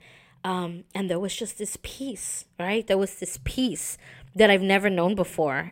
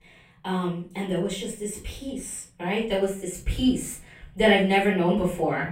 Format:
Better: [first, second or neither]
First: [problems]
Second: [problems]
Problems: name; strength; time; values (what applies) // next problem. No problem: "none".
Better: first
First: none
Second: off-mic speech; far // room echo; slight; dies away in 0.4 s